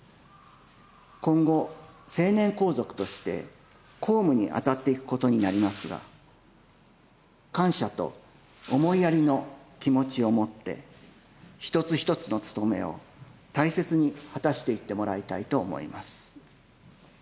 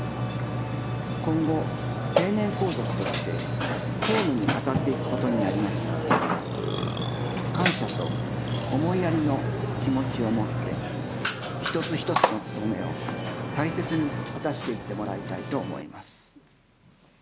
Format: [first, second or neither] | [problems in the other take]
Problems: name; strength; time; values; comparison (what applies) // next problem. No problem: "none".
first | background sound (Burping, eructation); 2 dB above the speech